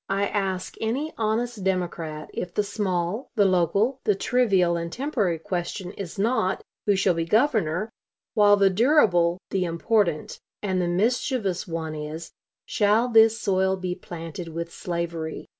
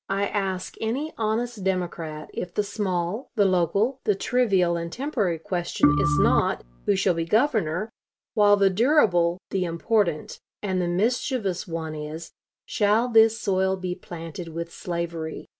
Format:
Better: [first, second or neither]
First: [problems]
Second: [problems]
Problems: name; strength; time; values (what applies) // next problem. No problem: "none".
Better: first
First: none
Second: background sound (Organ); 1 dB above the speech